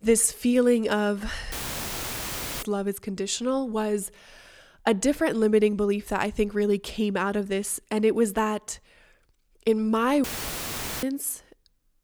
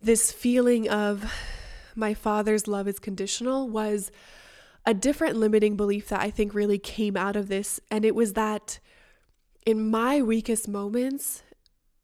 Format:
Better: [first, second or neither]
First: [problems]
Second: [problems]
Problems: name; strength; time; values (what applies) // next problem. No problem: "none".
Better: second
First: audio cutting out; filled with static; at 1.5 s for 1 s and at 10 s for 1 s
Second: none